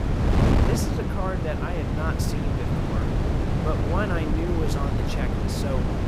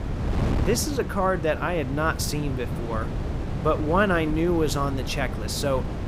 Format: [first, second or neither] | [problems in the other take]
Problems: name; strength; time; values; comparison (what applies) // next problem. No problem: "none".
second | wind noise on the microphone; heavy; 2 dB above the speech; occasional gusts in the second